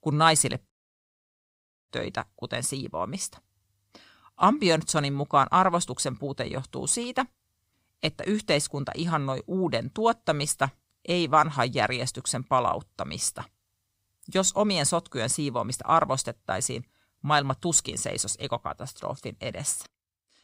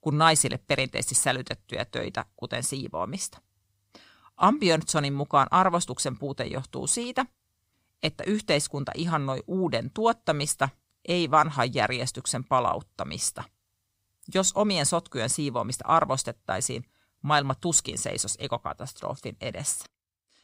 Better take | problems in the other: second | audio cutting out; at 0.5 s for 1 s

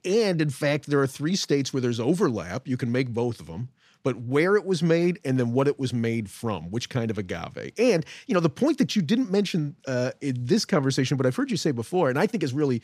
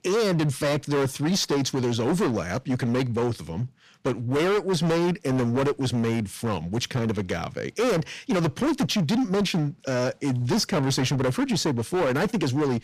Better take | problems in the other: first | distortion; heavy; 23% of the sound clipped

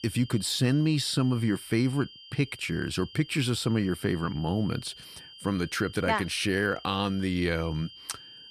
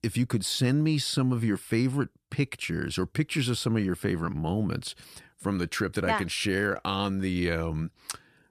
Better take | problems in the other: second | high-pitched whine; noticeable; throughout; 3 kHz, 20 dB below the speech

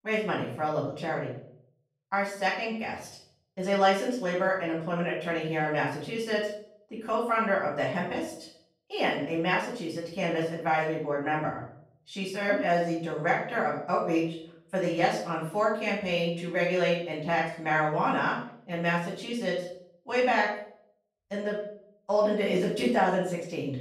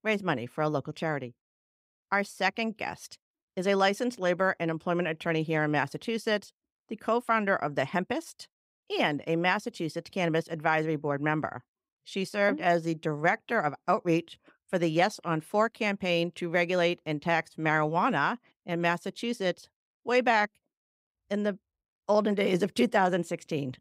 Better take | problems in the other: second | room echo; noticeable; dies away in 0.5 s // off-mic speech; far

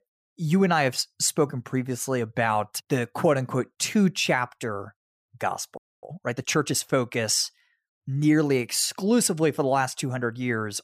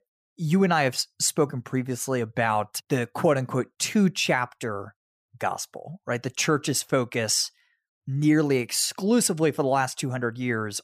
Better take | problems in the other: second | audio freezing; at 6 s

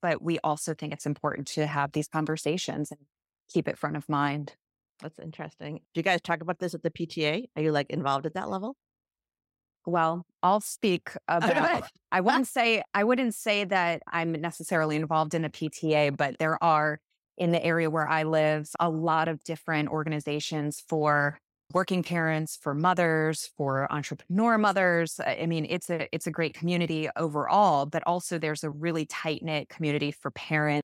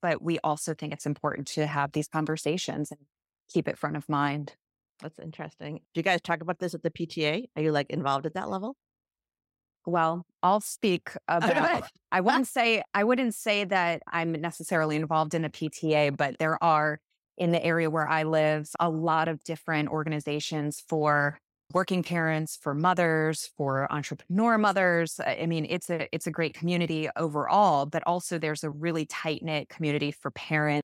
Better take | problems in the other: neither | none

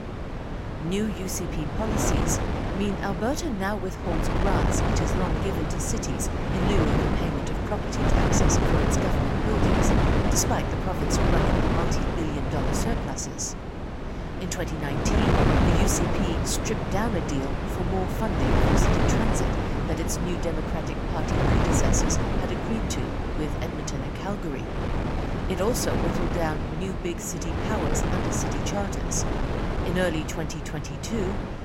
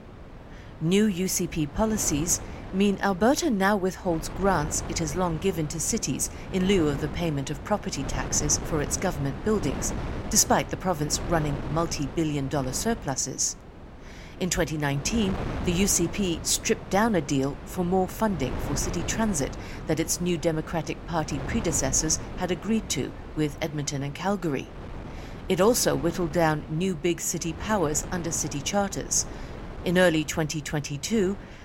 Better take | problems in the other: second | wind noise on the microphone; heavy; 3 dB above the speech; occasional gusts in the second

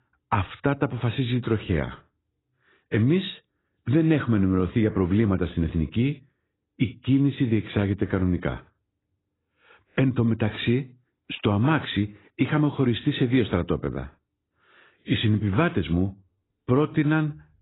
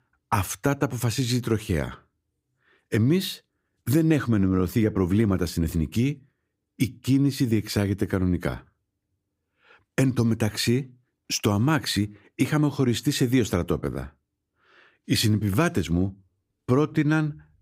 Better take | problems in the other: second | garbled, watery; badly; nothing above 4 kHz

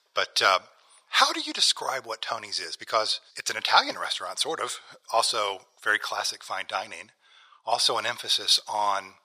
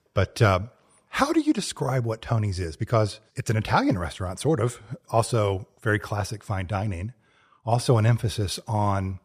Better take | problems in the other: second | thin; very; fading below 950 Hz

